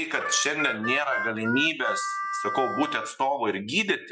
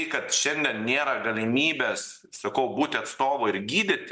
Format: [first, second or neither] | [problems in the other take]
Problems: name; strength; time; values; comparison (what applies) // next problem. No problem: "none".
second | noise reduction (classical method Wiener filter)